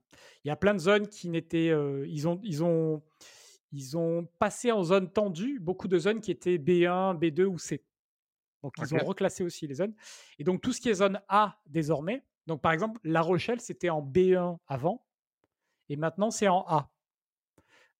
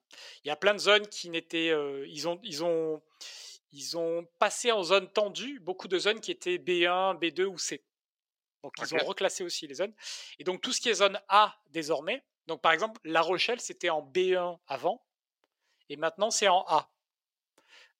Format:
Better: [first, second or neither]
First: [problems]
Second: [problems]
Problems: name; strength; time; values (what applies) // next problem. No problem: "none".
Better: first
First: none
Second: thin; somewhat; fading below 450 Hz